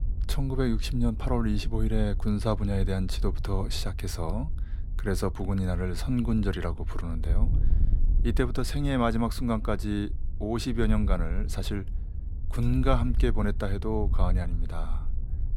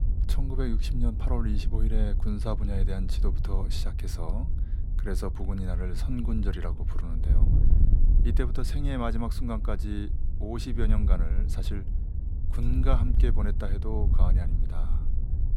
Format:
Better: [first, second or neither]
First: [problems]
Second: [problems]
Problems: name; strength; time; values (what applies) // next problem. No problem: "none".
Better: first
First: wind noise on the microphone; occasional gusts; 20 dB below the speech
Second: wind noise on the microphone; heavy; 8 dB below the speech